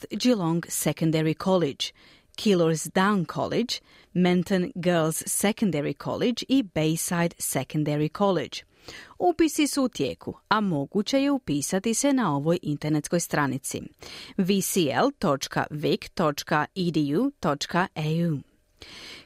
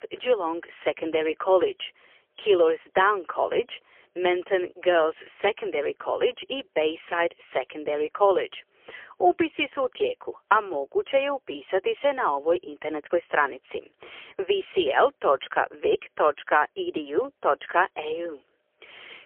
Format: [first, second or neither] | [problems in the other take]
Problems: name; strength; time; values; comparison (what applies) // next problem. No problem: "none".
first | phone-call audio; poor line; nothing above 3.5 kHz